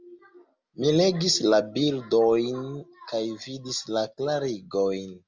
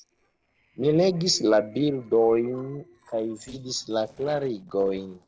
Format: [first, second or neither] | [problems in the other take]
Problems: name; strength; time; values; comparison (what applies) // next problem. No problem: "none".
first | noise reduction (neural separator model SepFormer DNS4)